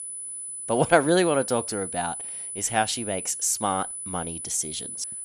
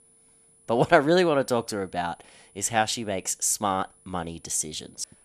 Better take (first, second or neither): second